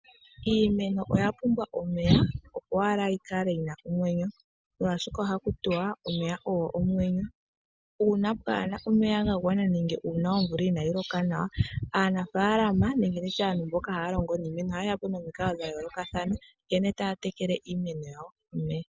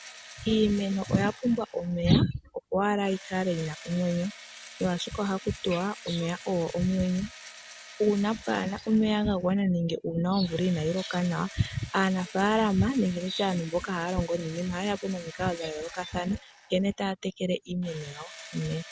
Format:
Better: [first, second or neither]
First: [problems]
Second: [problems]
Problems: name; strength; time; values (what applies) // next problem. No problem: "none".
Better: first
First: none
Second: background sound (Engine / Drill); 19 dB below the speech